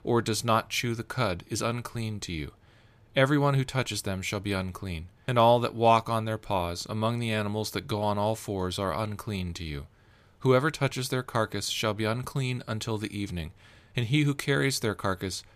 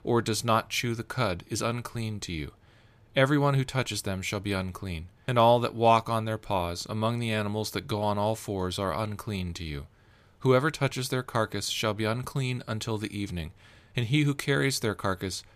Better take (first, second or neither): neither